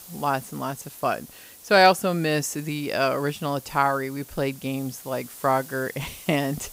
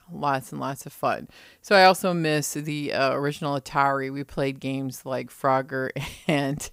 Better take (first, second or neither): second